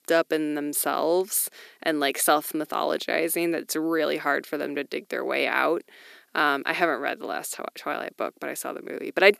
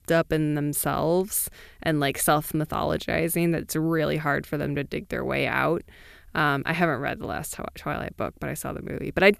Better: second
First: thin; somewhat; fading below 300 Hz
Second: none

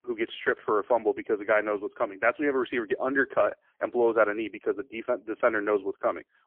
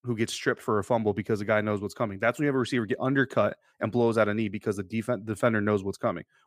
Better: second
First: phone-call audio; poor line; nothing above 3.5 kHz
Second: none

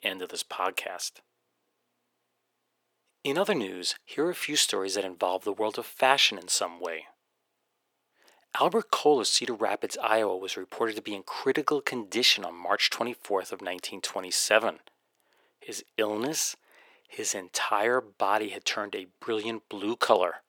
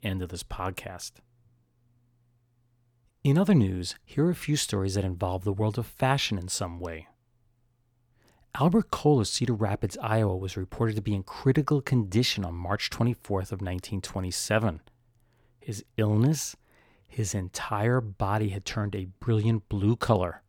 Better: second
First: thin; very; fading below 400 Hz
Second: none

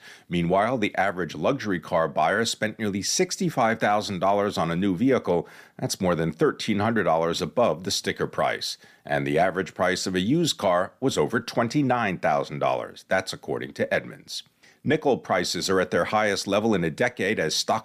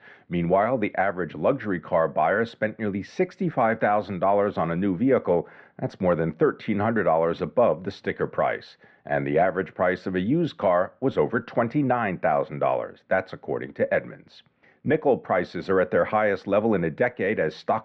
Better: first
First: none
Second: muffled; very; fading above 2 kHz

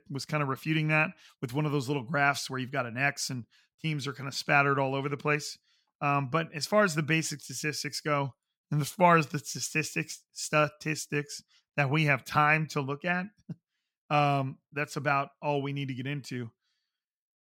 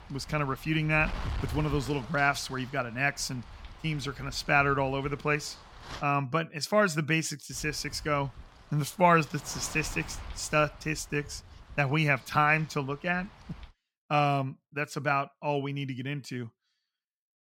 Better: first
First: none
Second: wind noise on the microphone; occasional gusts; until 6 s and from 7.5 to 14 s; 20 dB below the speech

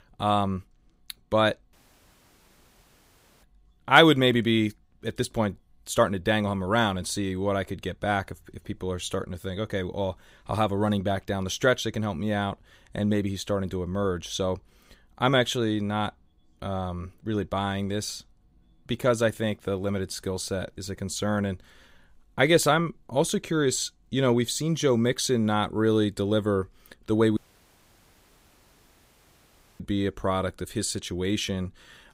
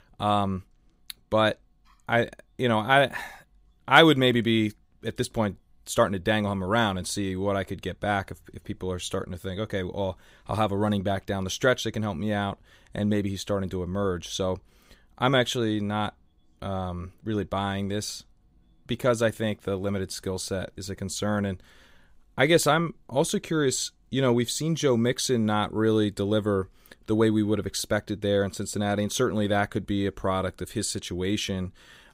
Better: second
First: audio cutting out; at 1.5 s for 1.5 s and at 27 s for 2.5 s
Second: none

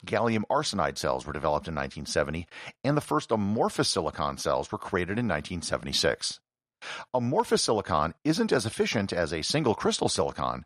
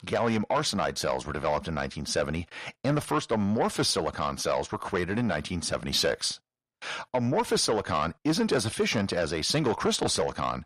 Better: first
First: none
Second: distortion; slight; 10 dB below the speech

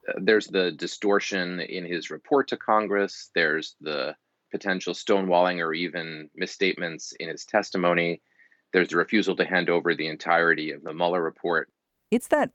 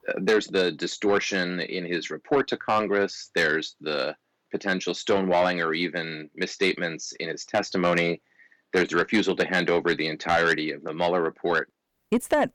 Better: first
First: none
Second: distortion; slight; 10 dB below the speech

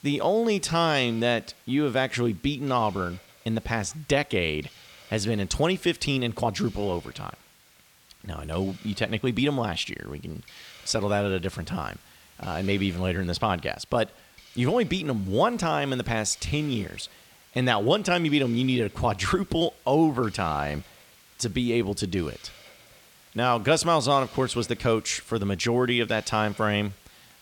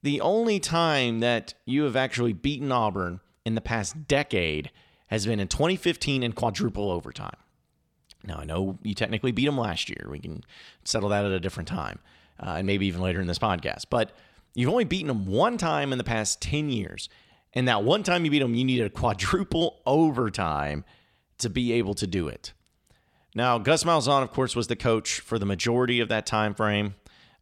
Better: second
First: hiss; faint; throughout; 25 dB below the speech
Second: none

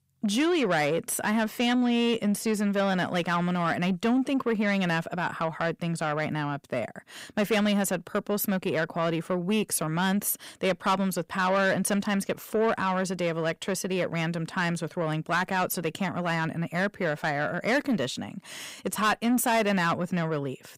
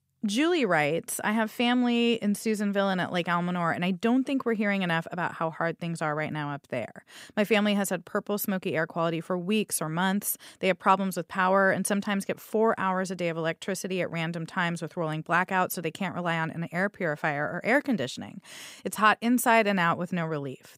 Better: second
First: distortion; slight; 10 dB below the speech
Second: none

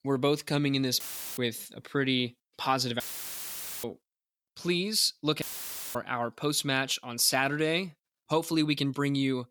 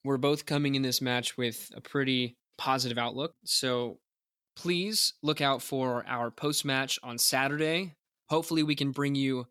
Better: second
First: audio cutting out; filled with static; at 1 s, at 3 s for 1 s and at 5.5 s for 0.5 s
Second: none

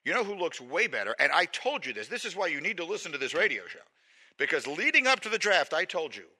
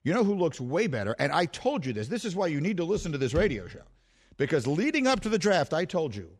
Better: second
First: thin; very; fading below 500 Hz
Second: none

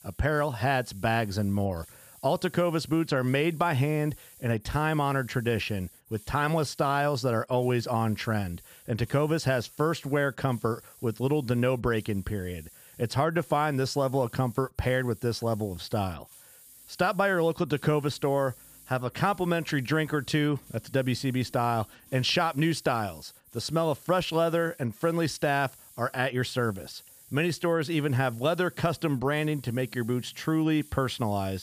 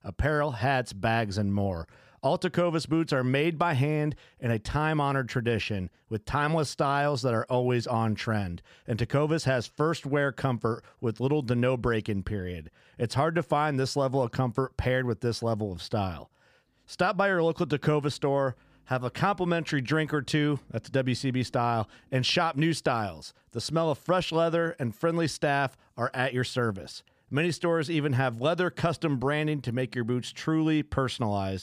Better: second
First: hiss; faint; throughout; 20 dB below the speech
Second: none

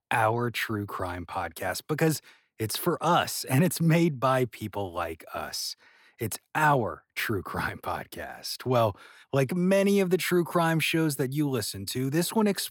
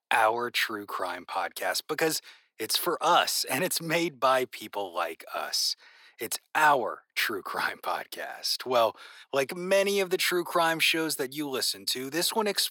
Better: first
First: none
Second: thin; somewhat; fading below 450 Hz

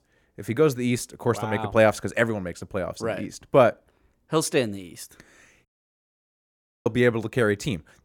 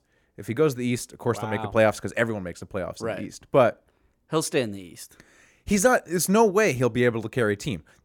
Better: second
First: audio cutting out; at 5.5 s for 1 s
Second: none

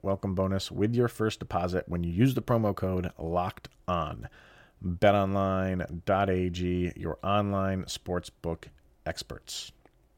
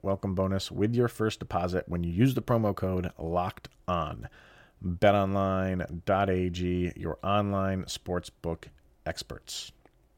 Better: neither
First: none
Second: none

